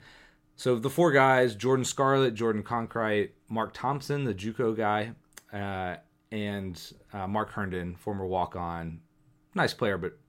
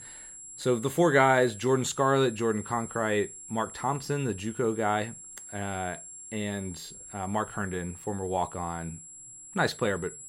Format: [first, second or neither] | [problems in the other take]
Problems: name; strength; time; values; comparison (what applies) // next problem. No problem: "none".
first | high-pitched whine; noticeable; throughout; 7.5 kHz, 15 dB below the speech